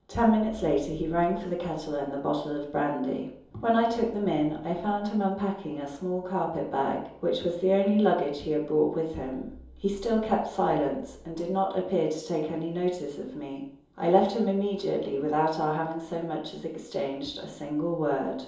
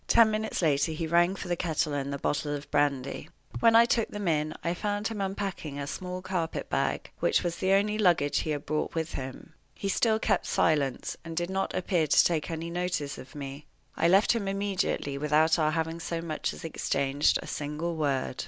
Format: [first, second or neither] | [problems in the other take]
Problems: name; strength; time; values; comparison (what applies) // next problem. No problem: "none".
second | room echo; dies away in 2.8 s